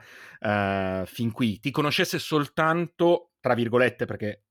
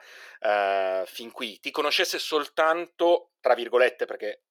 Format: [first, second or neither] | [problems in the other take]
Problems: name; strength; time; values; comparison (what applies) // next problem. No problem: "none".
first | thin; very; fading below 400 Hz